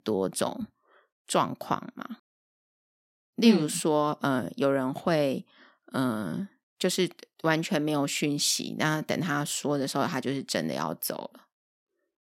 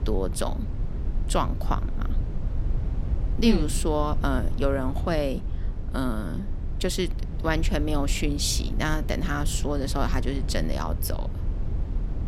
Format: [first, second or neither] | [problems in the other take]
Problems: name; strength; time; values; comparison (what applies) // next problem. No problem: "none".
first | low rumble; noticeable; throughout; 15 dB below the speech